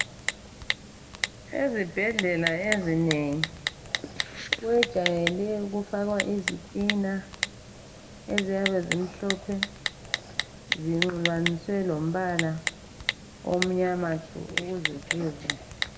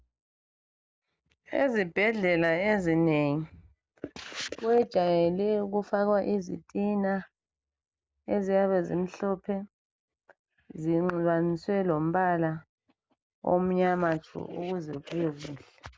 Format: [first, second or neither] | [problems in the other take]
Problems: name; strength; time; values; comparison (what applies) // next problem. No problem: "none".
second | background sound (Typing); 4 dB below the speech // room echo; dies away in 1 s